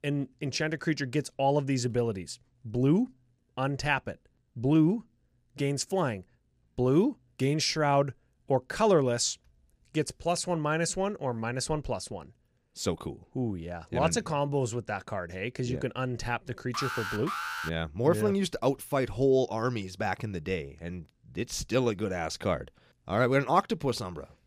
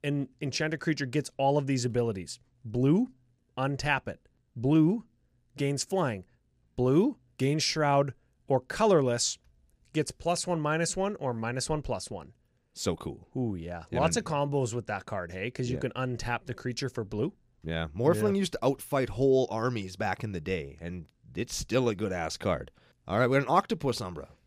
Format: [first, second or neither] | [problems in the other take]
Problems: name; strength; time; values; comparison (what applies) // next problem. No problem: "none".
second | alarm; noticeable; at 17 s; peak 4 dB below the speech